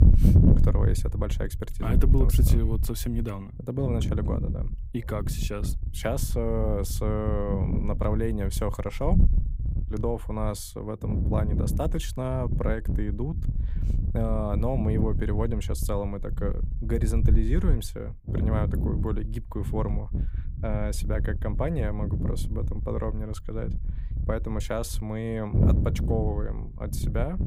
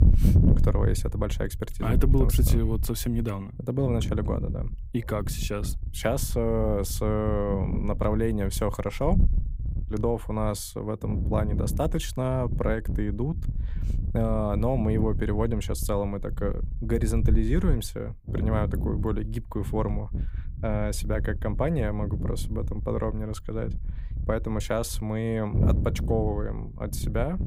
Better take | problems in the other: second | wind noise on the microphone; heavy; 7 dB below the speech; occasional gusts in the second

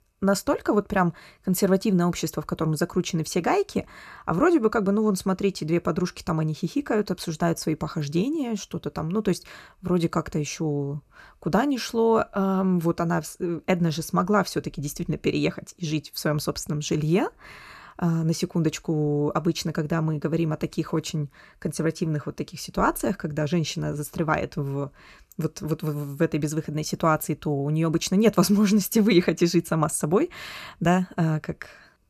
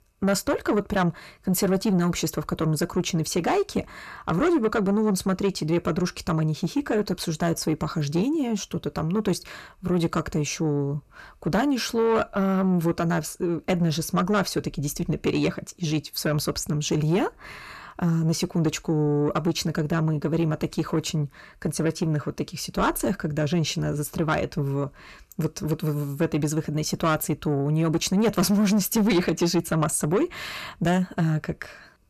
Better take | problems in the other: first | distortion; slight; 10 dB below the speech

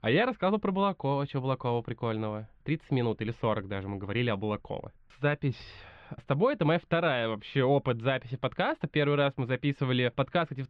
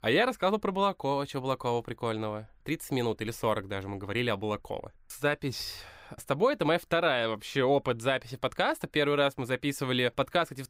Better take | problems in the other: second | muffled; slightly; fading above 3 kHz

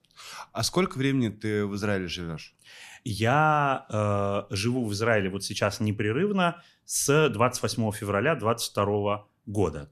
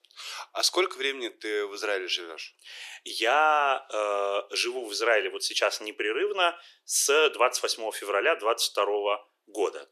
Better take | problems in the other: first | thin; very; fading below 350 Hz

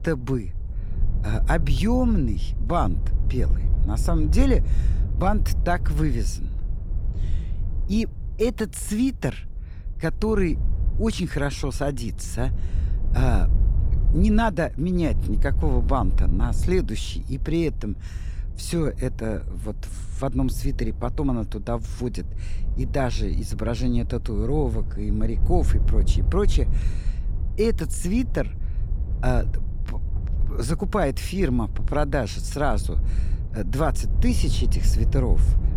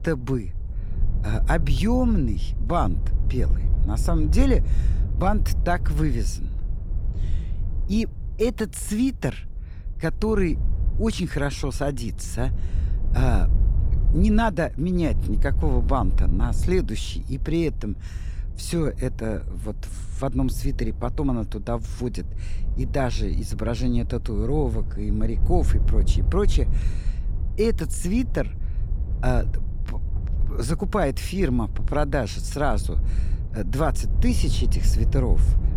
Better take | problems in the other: neither | wind noise on the microphone; occasional gusts; 15 dB below the speech; the same in both

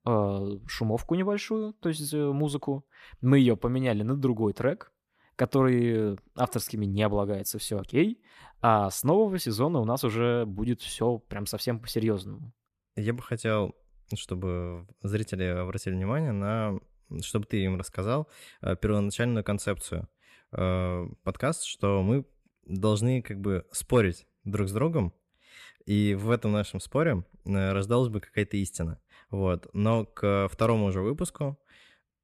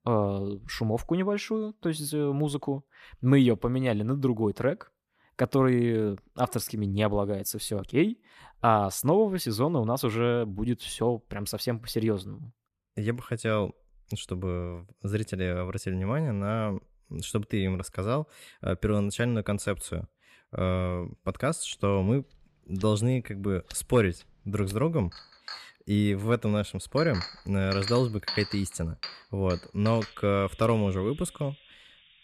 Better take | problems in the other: first | household noises; noticeable; from 22 s on; 10 dB below the speech

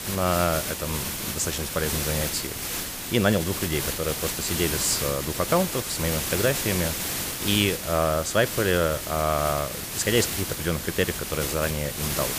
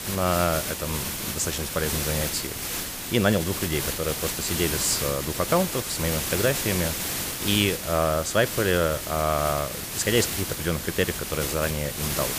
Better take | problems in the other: neither | hiss; loud; throughout; 2 dB below the speech; the same in both

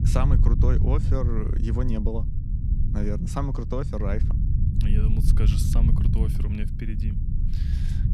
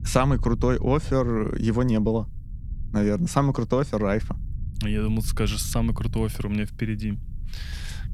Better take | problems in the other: second | low rumble; loud; throughout; 5 dB below the speech; faint in the second

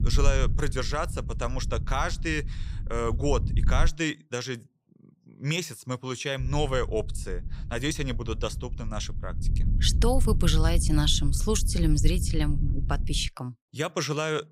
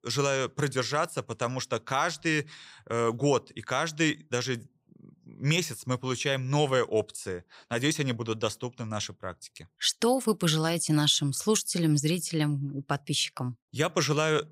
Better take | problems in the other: second | low rumble; noticeable; until 4 s and from 6.5 to 13 s; 15 dB below the speech

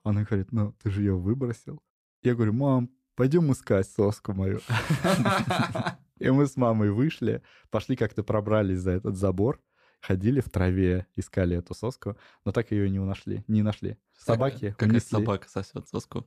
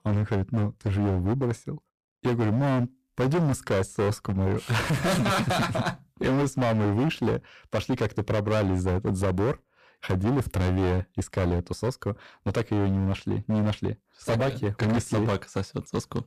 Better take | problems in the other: first | distortion; heavy; 25% of the sound clipped

